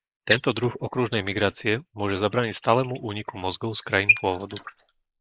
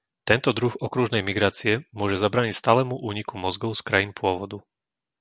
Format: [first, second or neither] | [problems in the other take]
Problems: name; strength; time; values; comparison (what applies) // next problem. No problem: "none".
second | noise reduction (neural mask model Resemble Enhance denoiser)